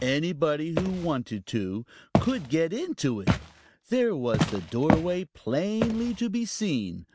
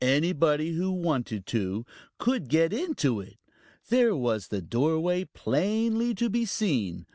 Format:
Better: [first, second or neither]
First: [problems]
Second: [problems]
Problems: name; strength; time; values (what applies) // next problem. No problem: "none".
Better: second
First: background sound (Walk, footsteps); 4 dB below the speech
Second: none